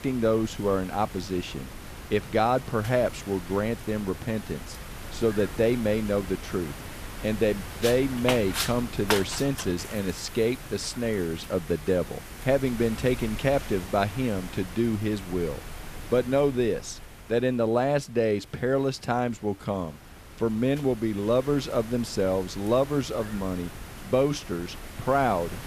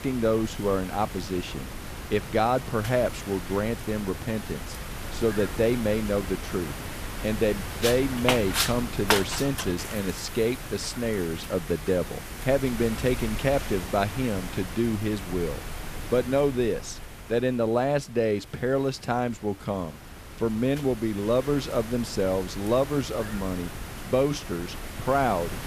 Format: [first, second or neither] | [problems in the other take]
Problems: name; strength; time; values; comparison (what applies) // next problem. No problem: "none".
first | wind noise on the microphone; heavy; 7 dB below the speech; occasional gusts in the first